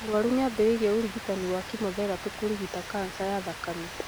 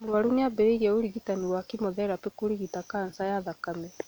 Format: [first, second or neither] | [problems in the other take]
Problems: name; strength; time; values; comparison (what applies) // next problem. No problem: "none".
second | background sound (Rain); 11 dB below the speech